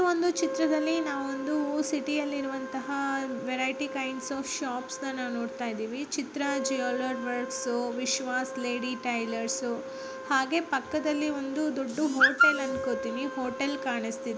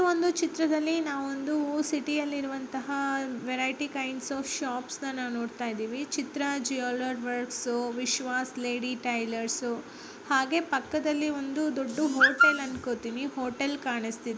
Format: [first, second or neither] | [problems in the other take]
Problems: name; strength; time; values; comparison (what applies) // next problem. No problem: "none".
second | background sound (Wind instrument, woodwind instrument); 9 dB below the speech